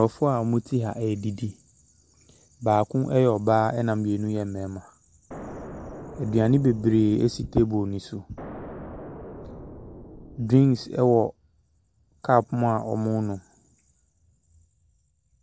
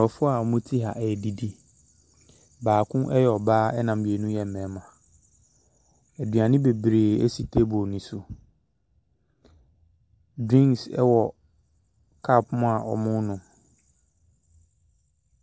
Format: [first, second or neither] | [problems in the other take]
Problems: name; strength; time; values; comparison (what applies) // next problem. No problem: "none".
second | background sound (Explosion); 15 dB below the speech